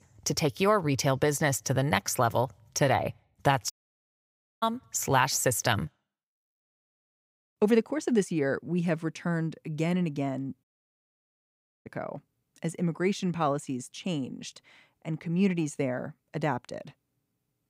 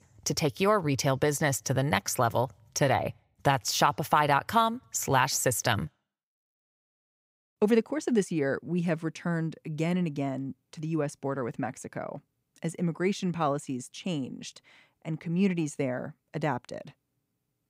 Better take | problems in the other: second | audio cutting out; at 3.5 s for 1 s and at 11 s for 1 s

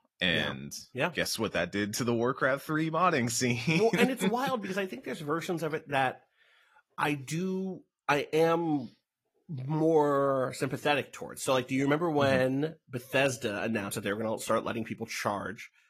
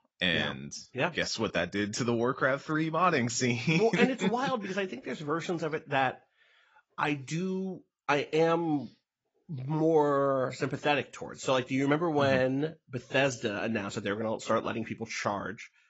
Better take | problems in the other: first | garbled, watery; badly; nothing above 7.5 kHz; slightly in the first

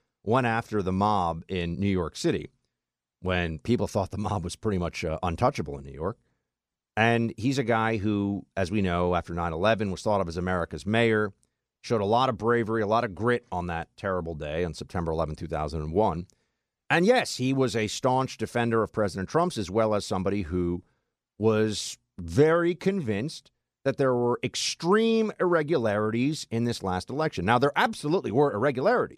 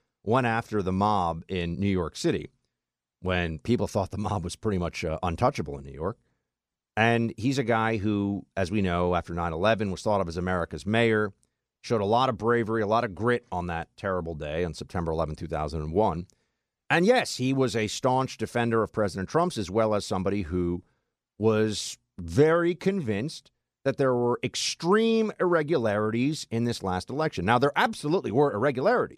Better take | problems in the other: neither | none

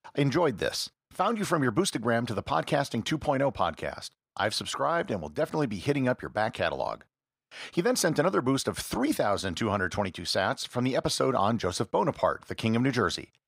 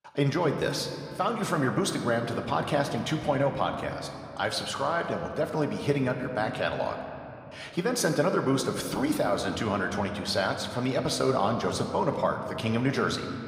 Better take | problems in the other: first | room echo; slight; dies away in 2.3 s

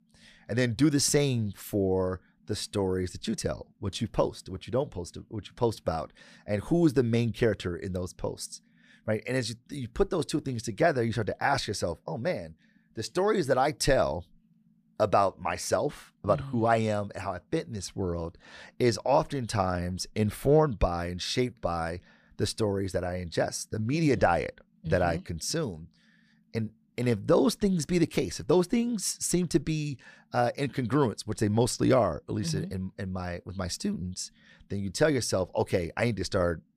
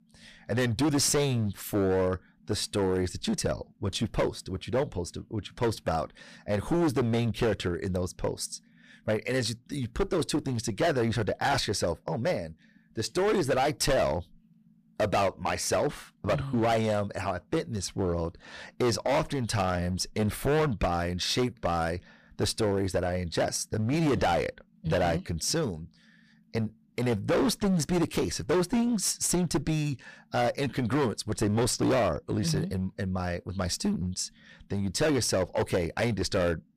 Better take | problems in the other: first | distortion; heavy; 12% of the sound clipped

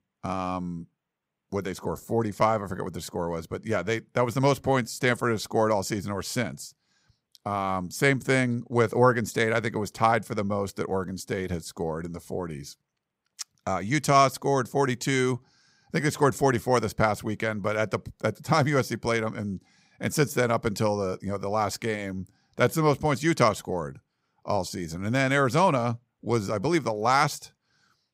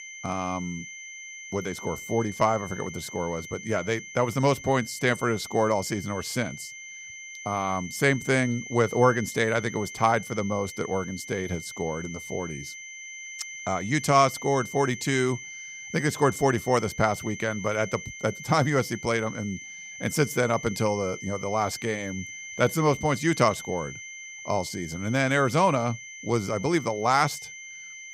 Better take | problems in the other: first | high-pitched whine; noticeable; throughout; 2 kHz, 10 dB below the speech

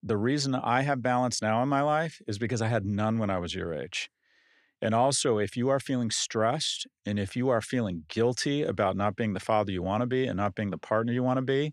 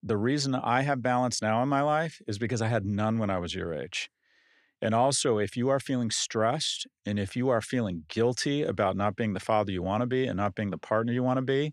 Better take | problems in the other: neither | none

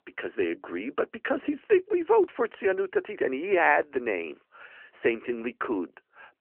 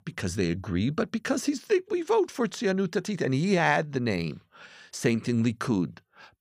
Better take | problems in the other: second | phone-call audio

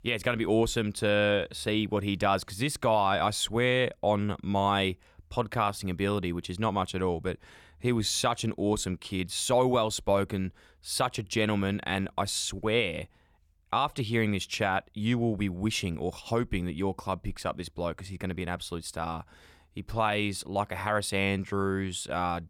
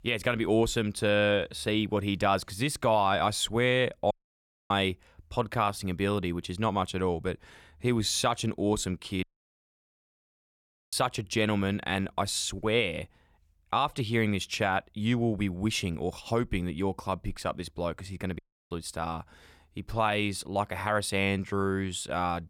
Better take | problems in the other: first | audio cutting out; at 4 s for 0.5 s, at 9 s for 1.5 s and at 18 s

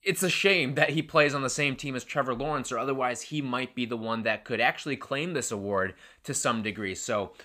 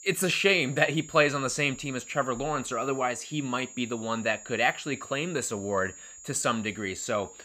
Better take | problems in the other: first | high-pitched whine; noticeable; throughout; 7 kHz, 15 dB below the speech

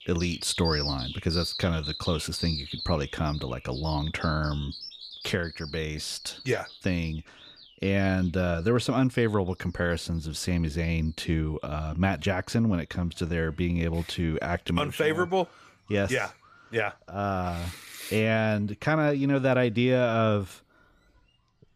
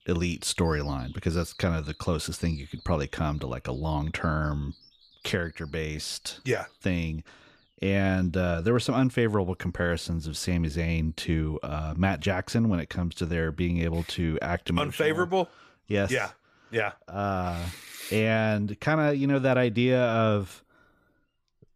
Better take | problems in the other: second | animal sounds; loud; throughout; 9 dB below the speech; faint in the second

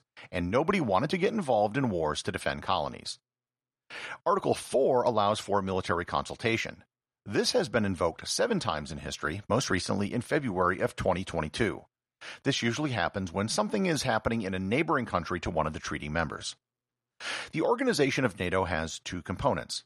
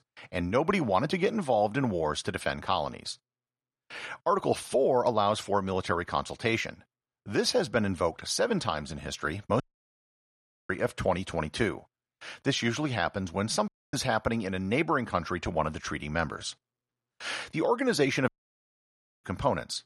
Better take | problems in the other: first | audio cutting out; at 9.5 s for 1 s, at 14 s and at 18 s for 1 s

